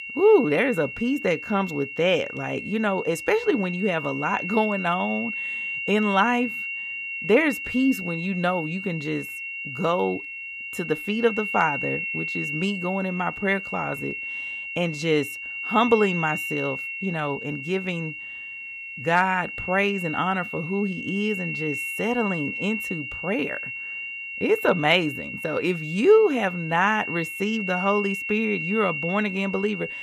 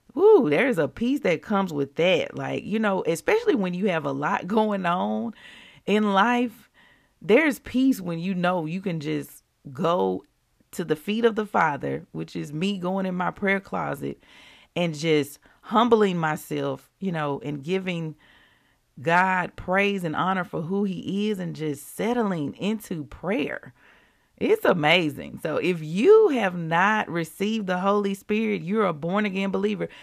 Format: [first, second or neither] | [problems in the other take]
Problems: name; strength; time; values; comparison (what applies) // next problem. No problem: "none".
second | high-pitched whine; loud; throughout; 2.5 kHz, 6 dB below the speech